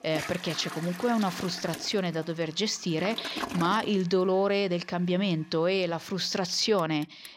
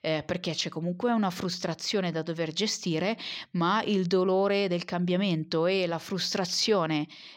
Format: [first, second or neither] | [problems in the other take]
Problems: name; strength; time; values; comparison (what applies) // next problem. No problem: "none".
second | household noises; noticeable; throughout; 10 dB below the speech